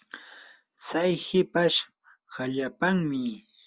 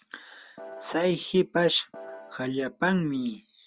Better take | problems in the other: first | background sound (Piano); 14 dB below the speech

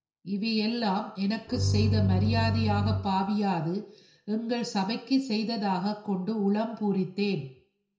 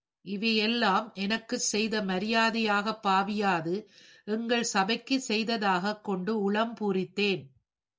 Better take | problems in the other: second | background sound (Bowed string instrument); 2 dB above the speech // room echo; dies away in 0.5 s

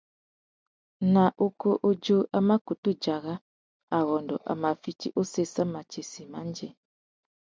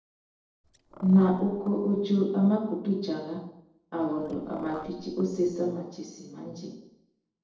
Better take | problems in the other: first | noise reduction (neural separator model SepFormer DNS4)

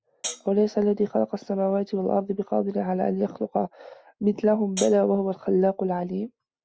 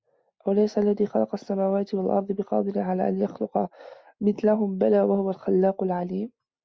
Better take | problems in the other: second | background sound (Hi-hat); 9 dB below the speech

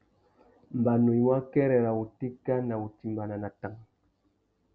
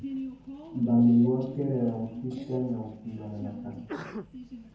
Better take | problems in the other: first | background sound (Sneeze); 12 dB below the speech // room echo; dies away in 0.9 s

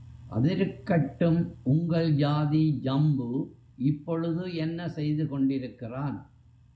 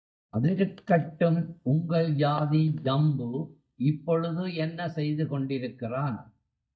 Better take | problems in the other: first | noise reduction (neural mask model DeepFilterNet 3)

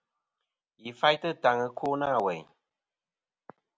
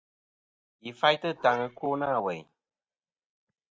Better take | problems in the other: first | noise reduction (neural mask model DeepFilterNet 3)

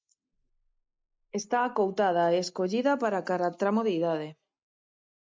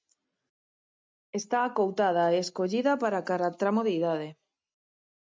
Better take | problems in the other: second | noise reduction (neural mask model Resemble Enhance denoiser)

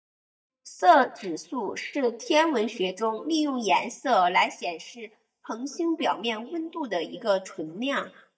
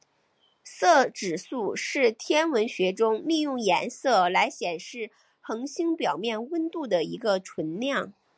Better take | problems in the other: second | noise reduction (neural mask model DeepFilterNet 3)

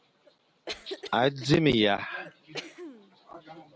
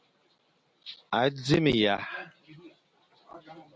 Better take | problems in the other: second | background sound (Cough); 16 dB below the speech

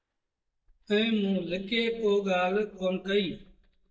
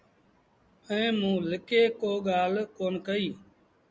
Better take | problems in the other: second | noise reduction (neural mask model DeepFilterNet 3)

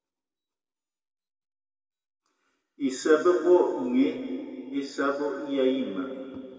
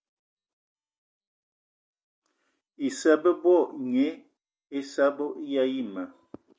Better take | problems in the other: second | room echo; dies away in 2.3 s

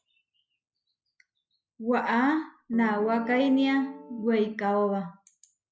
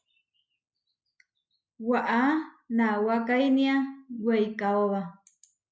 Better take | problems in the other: second | background sound (Guitar); 16 dB below the speech

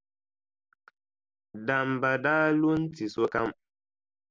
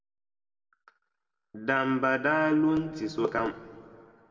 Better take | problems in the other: first | room echo; dies away in 1.7 s

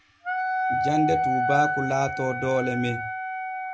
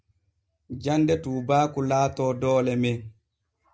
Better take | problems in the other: second | background sound (Wind instrument, woodwind instrument); 1 dB above the speech

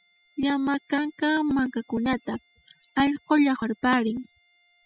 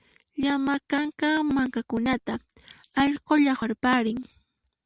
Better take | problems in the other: second | noise reduction (classical method spectral subtraction)

